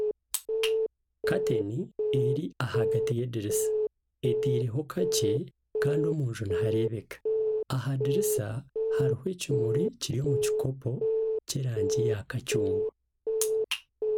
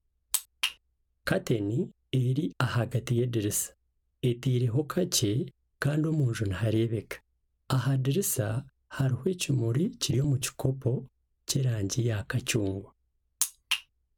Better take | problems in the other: second | background sound (Alarm / Keyboard (musical)); 2 dB above the speech

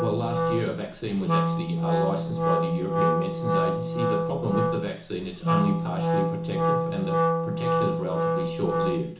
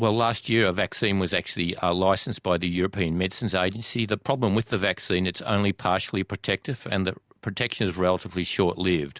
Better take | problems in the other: second | background sound (Wind instrument, woodwind instrument); 5 dB above the speech // room echo; dies away in 0.8 s

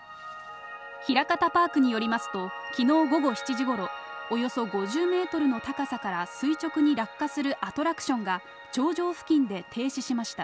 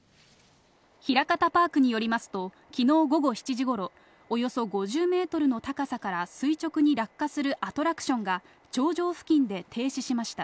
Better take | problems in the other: second | background sound (Piano); 13 dB below the speech

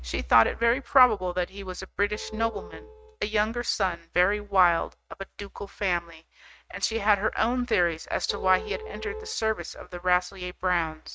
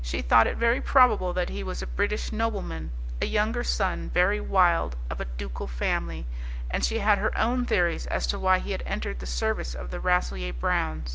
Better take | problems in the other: second | noise reduction (neural mask model RNNoise)

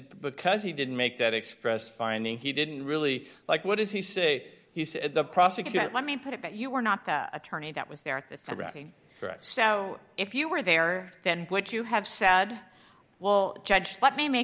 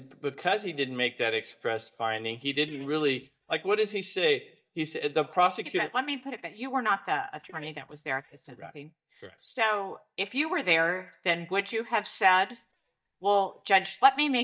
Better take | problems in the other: first | noise reduction (neural mask model DeepFilterNet 3)

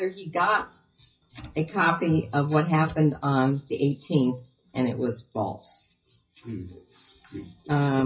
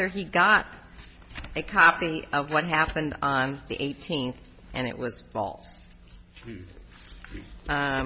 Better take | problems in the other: second | noise reduction (classical method WPE with log-MMSE)

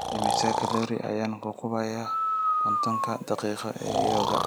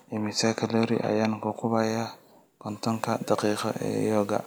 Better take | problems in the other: second | background sound (Breathing); 2 dB above the speech

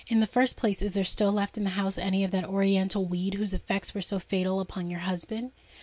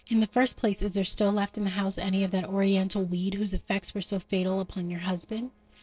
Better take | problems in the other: first | noise reduction (neural separator model SepFormer DNS4)

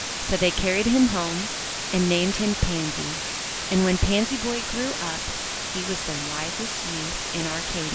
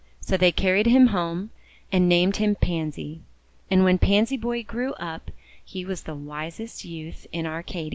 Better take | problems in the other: second | background sound (Water); 4 dB below the speech

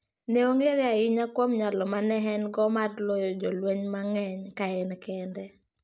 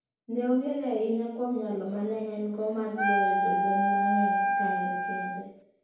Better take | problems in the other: first | background sound (Wind instrument, woodwind instrument); 3 dB above the speech // room echo; dies away in 1.9 s

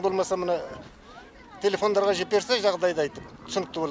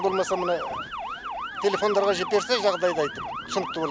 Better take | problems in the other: first | background sound (Motor vehicle (road) / Siren); 7 dB below the speech

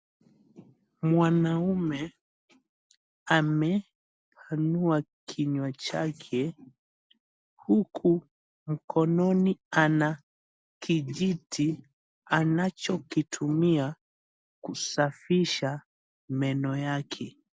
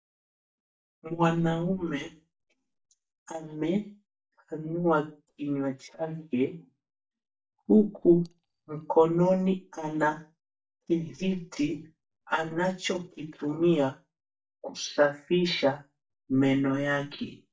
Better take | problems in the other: first | noise reduction (neural mask model DeepFilterNet 3)

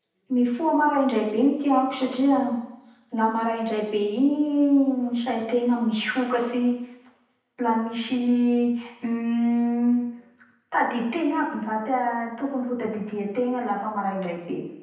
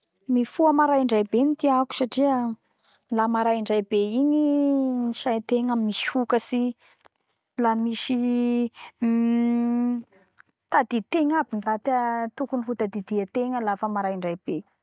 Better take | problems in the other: second | room echo; dies away in 0.9 s

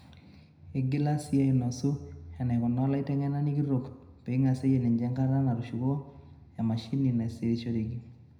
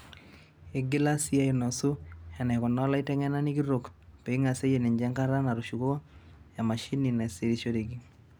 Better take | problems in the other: second | room echo; dies away in 0.8 s

